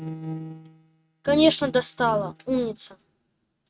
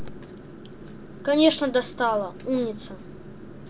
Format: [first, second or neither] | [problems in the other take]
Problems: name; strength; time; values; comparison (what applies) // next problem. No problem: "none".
second | noise reduction (neural mask model RNNoise)